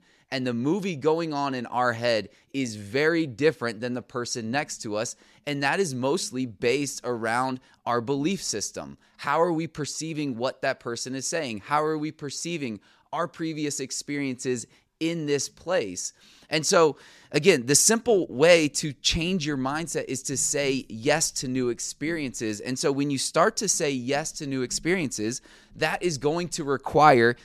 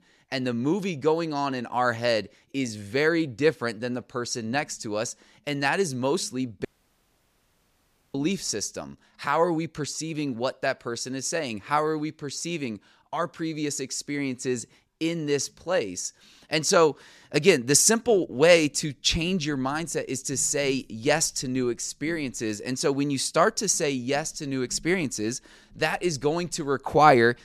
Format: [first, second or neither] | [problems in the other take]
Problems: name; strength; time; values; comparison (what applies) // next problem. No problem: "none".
first | audio cutting out; at 6.5 s for 1.5 s